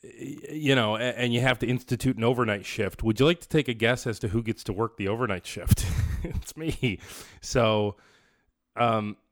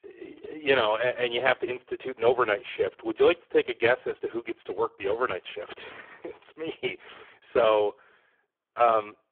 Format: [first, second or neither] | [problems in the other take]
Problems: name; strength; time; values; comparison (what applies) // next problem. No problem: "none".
first | phone-call audio; poor line